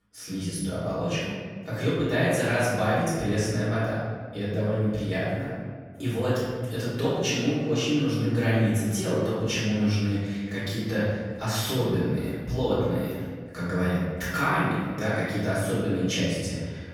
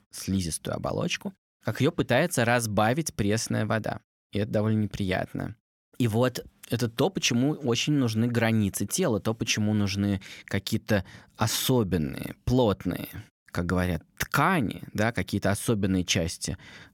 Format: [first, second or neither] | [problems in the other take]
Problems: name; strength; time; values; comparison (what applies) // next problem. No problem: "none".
second | room echo; strong; dies away in 1.5 s // off-mic speech; far